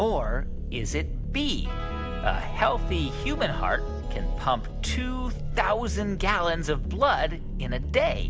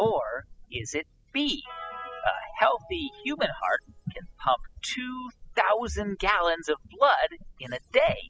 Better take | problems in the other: first | noise reduction (classical method spectral subtraction)

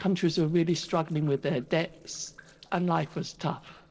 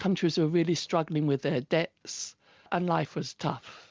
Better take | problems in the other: second | noise reduction (neural separator model SepFormer DNS4)

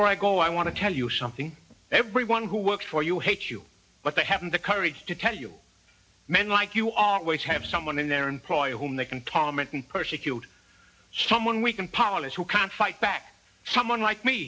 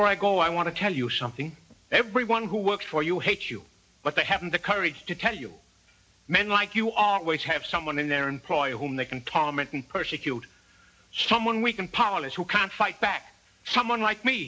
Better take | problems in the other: second | background sound (Bowed string instrument); 20 dB below the speech

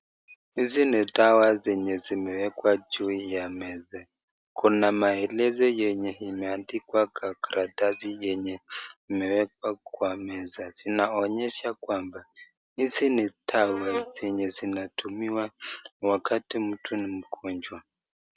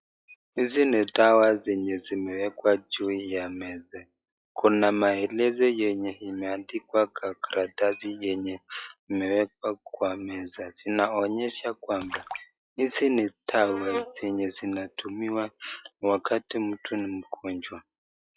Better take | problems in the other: first | noise reduction (classical method log-MMSE)

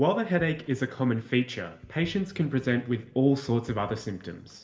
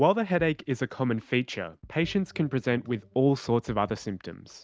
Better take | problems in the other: second | room echo; dies away in 1.7 s

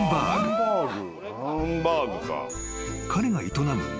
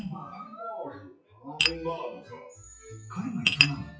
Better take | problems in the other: first | noise reduction (classical method WPE with log-MMSE)

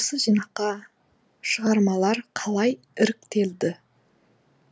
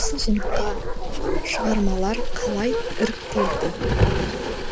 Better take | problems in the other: first | background sound (Bark); 4 dB above the speech

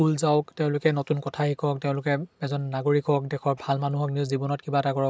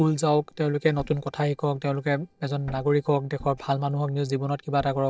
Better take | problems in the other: first | noise reduction (neural separator model SepFormer DNS4)

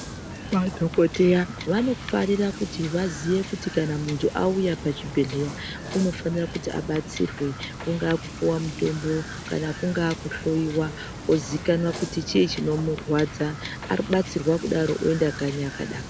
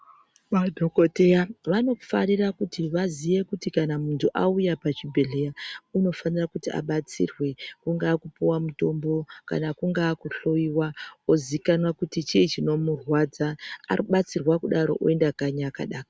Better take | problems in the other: second | background sound (Wind / Boat, Water vehicle); 11 dB below the speech

